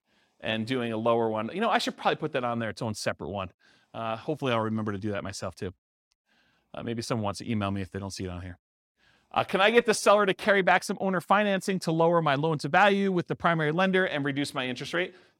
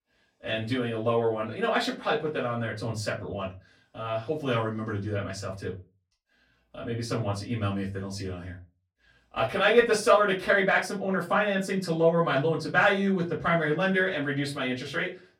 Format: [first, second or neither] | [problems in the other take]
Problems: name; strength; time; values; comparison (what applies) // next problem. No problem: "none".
first | off-mic speech; far // room echo; very slight; dies away in 0.3 s